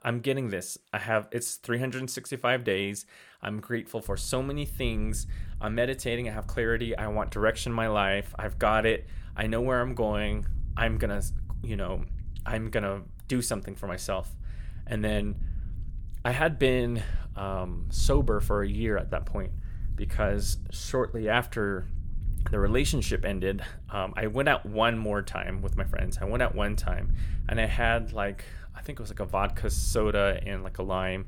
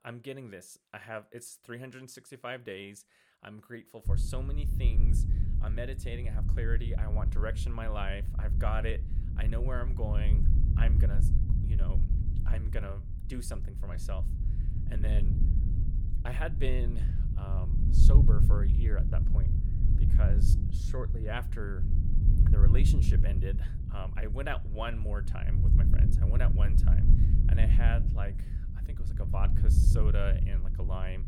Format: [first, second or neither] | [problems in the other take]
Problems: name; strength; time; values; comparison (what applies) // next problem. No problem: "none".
first | low rumble; loud; from 4 s on; 4 dB below the speech; faint in the first